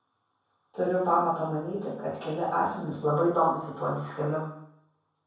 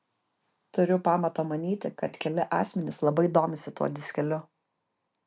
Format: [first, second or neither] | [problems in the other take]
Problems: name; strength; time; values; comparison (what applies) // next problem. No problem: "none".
second | room echo; dies away in 0.7 s